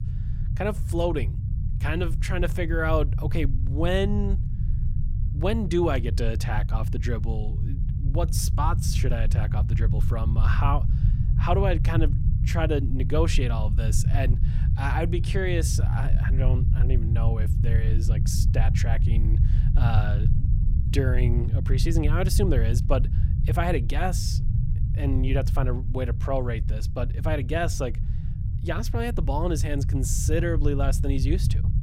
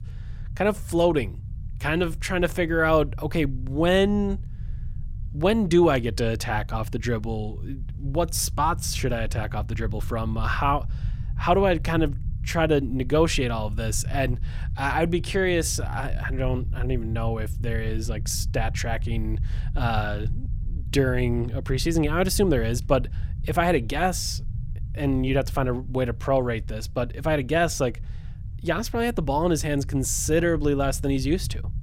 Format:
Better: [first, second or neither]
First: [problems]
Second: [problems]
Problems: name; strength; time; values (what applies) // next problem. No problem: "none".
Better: second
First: low rumble; loud; throughout; 10 dB below the speech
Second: low rumble; faint; throughout; 25 dB below the speech